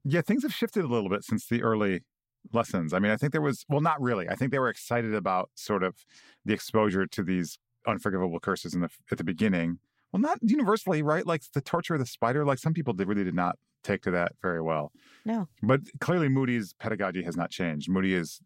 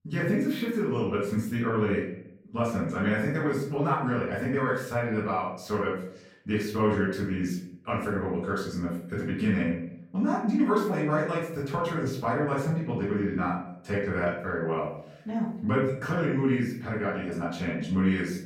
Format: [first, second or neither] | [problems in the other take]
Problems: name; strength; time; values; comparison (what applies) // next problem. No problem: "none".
first | off-mic speech; far // room echo; noticeable; dies away in 0.6 s